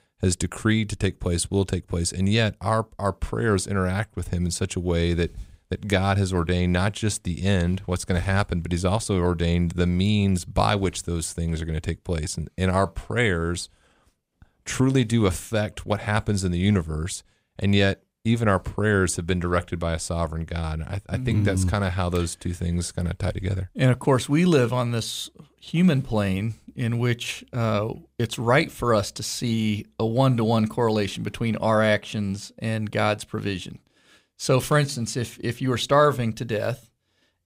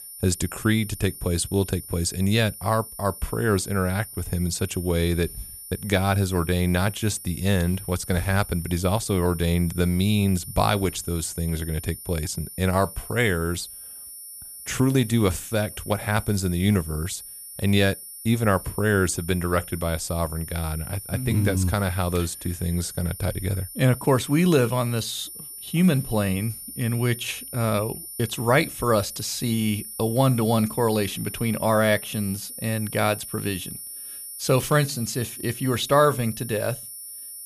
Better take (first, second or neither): first